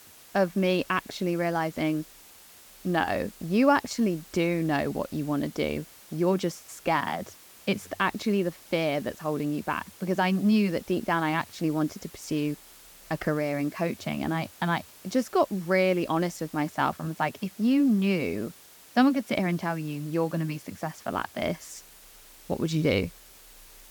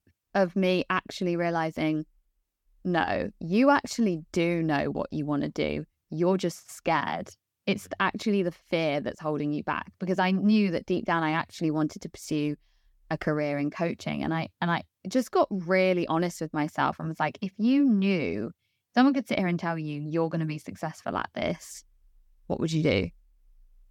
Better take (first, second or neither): second